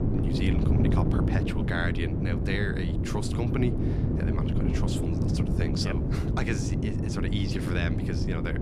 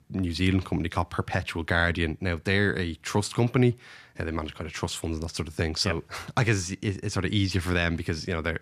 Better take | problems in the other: second | wind noise on the microphone; heavy; 1 dB below the speech

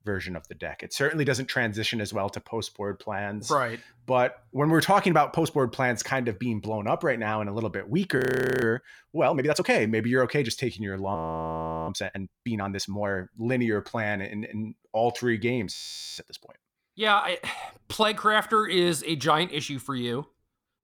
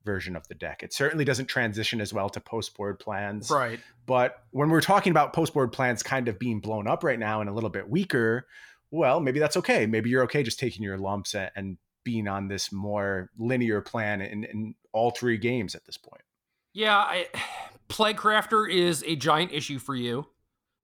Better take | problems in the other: second | audio freezing; at 8 s, at 11 s for 0.5 s and at 16 s

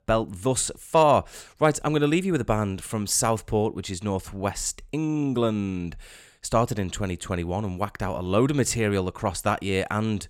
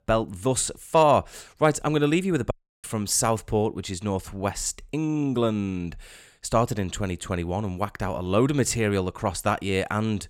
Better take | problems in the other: first | audio cutting out; at 2.5 s

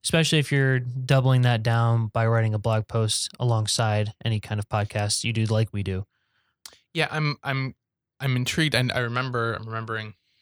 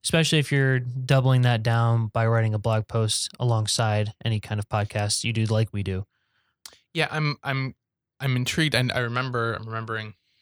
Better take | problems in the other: neither | none

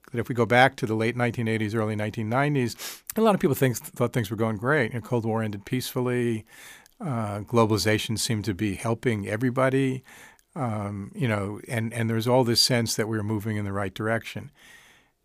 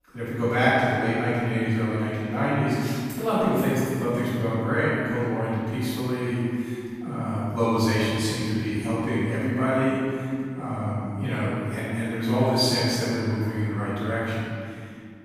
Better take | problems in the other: first | off-mic speech; far // room echo; strong; dies away in 2.2 s

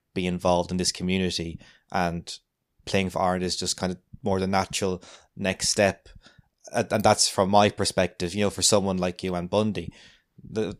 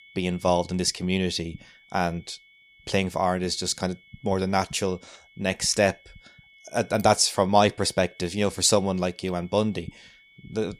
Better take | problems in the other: first | high-pitched whine; faint; throughout; 2 kHz, 30 dB below the speech

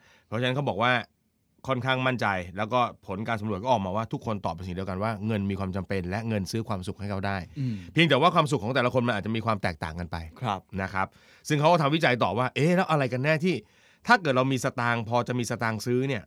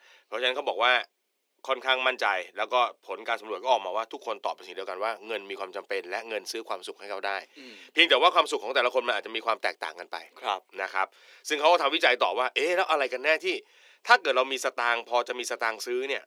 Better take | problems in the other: first | thin; very; fading below 350 Hz

